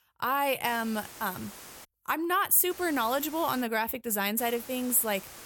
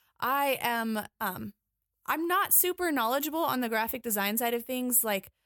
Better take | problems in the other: second | hiss; noticeable; from 0.5 to 2 s, at 2.5 s and from 4.5 s on; 20 dB below the speech

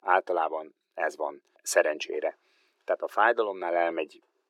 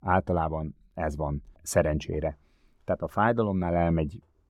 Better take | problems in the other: second | thin; very; fading below 350 Hz

